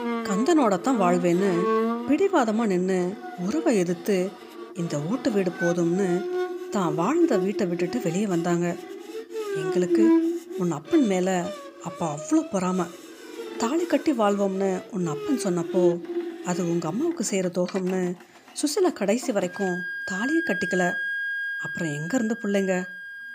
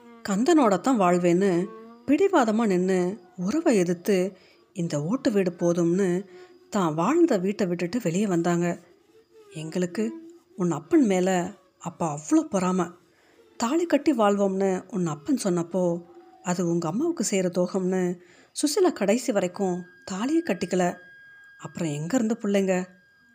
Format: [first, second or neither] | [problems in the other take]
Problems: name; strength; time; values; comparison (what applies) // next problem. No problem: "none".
second | background music; loud; throughout; 5 dB below the speech; faint in the second